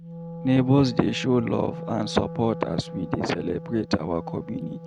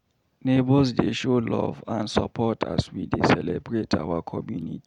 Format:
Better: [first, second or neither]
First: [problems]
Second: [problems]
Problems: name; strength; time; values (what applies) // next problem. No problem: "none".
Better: second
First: noise reduction (neural mask model RNNoise)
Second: none